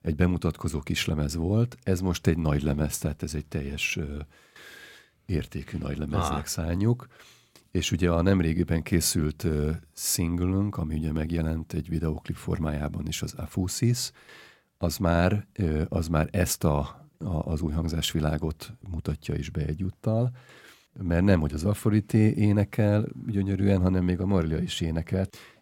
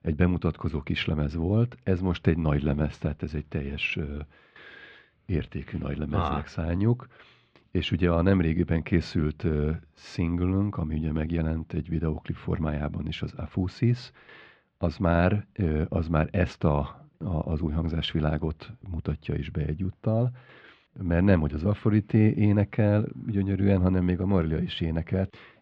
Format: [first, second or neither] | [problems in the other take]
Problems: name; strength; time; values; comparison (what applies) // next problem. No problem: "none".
first | muffled; very; fading above 3.5 kHz